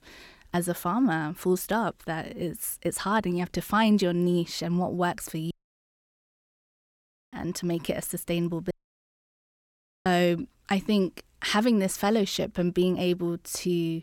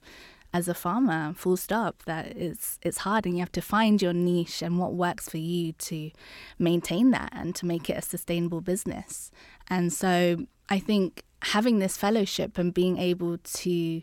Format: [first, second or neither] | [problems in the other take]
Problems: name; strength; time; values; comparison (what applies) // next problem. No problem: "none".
second | audio cutting out; at 5.5 s for 2 s and at 8.5 s for 1.5 s